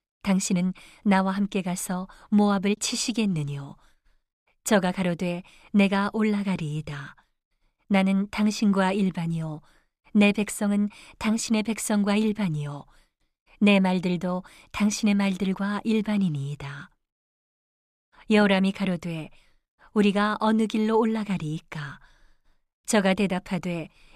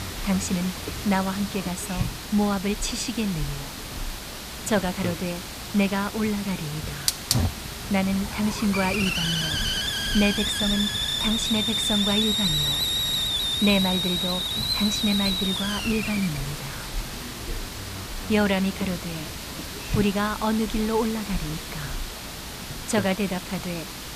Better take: first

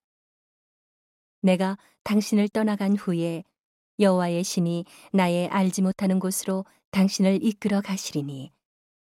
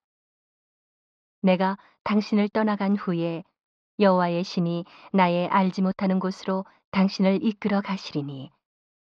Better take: first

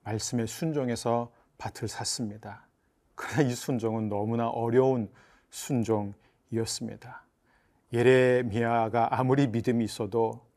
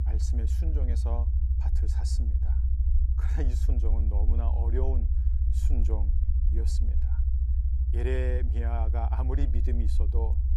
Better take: first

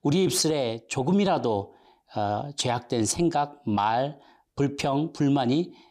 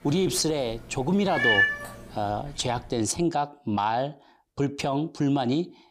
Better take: first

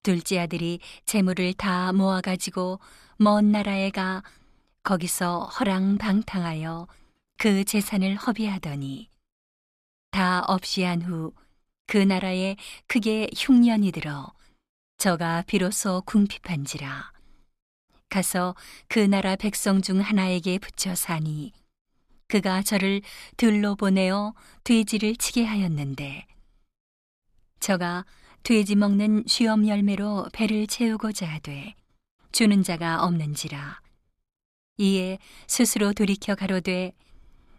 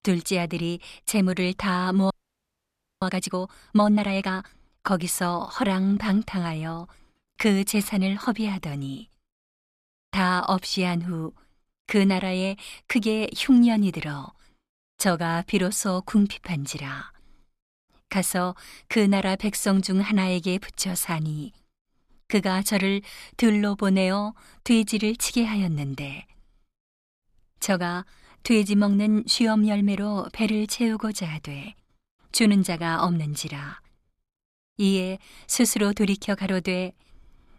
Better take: first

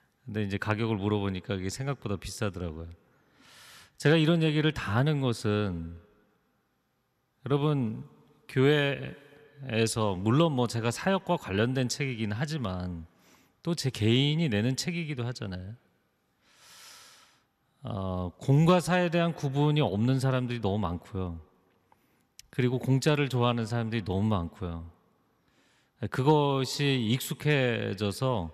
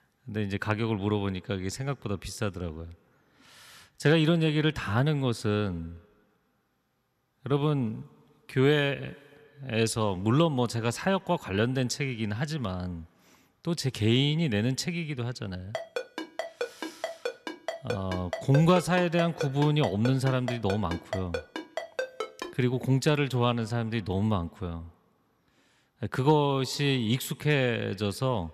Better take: first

